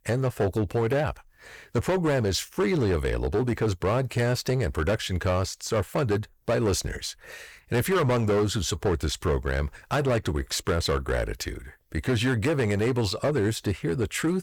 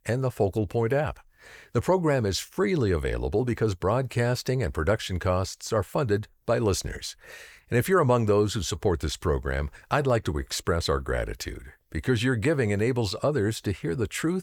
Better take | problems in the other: second | distortion; slight; 11% of the sound clipped

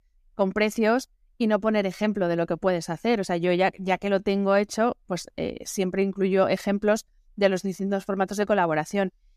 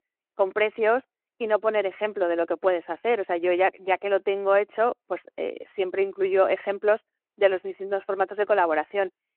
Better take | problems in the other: first | phone-call audio

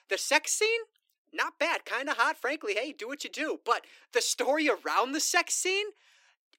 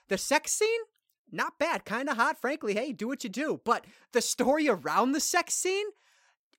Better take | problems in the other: second | thin; somewhat; fading below 300 Hz

